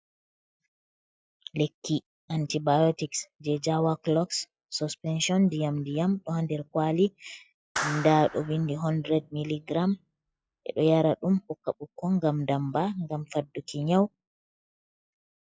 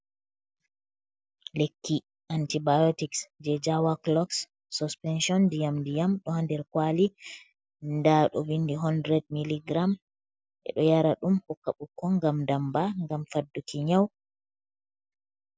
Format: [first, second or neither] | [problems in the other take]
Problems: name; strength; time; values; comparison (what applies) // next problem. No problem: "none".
second | noise reduction (classical method log-MMSE)